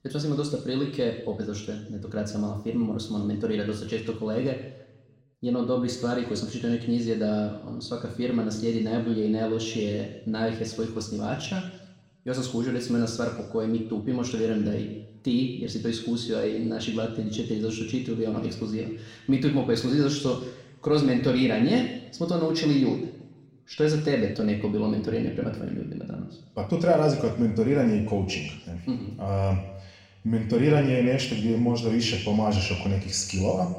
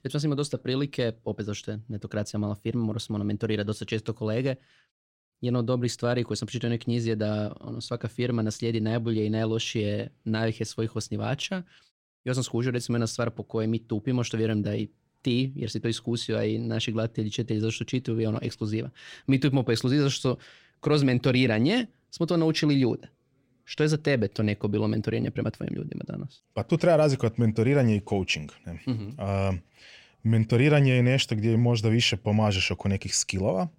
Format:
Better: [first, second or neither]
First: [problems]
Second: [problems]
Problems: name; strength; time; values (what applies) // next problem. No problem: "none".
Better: second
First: room echo; slight; dies away in 0.9 s // off-mic speech; somewhat distant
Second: none